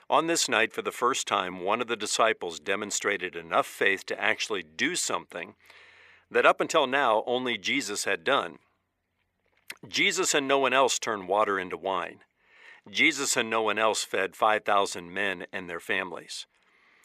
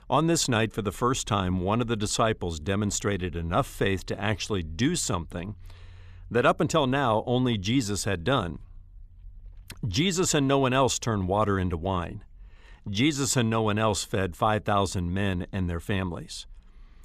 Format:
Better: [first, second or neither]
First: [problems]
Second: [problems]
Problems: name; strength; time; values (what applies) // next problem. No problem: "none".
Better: second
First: thin; somewhat; fading below 450 Hz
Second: none